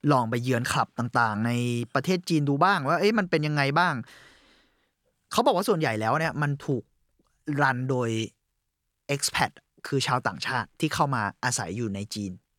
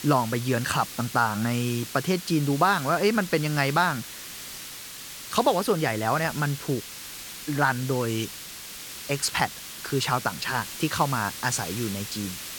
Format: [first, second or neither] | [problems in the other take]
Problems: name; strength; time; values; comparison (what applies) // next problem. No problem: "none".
first | hiss; noticeable; throughout; 10 dB below the speech